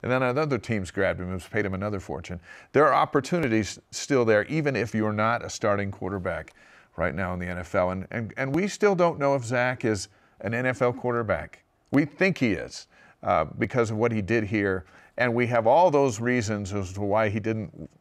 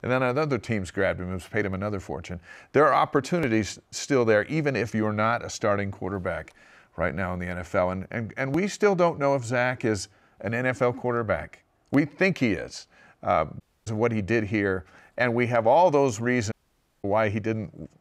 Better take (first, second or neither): first